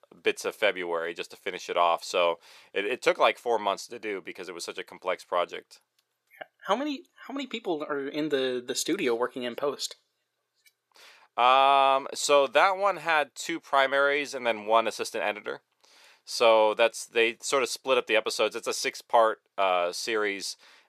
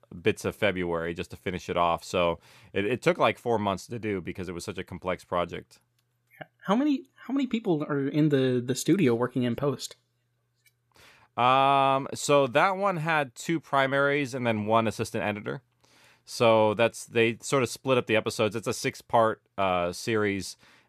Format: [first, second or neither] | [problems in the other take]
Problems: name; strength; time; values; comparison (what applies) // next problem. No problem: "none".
second | thin; somewhat; fading below 500 Hz